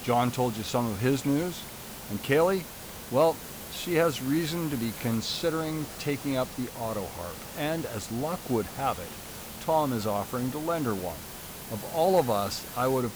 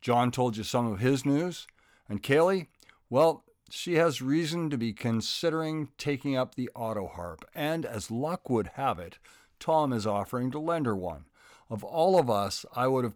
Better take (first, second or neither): second